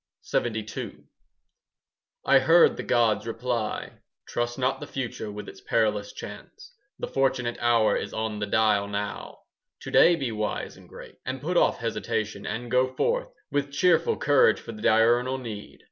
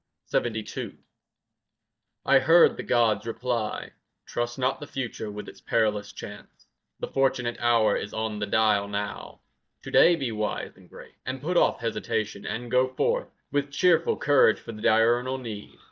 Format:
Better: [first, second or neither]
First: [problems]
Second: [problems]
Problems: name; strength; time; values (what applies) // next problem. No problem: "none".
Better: first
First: none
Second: noise reduction (neural mask model DeepFilterNet 3)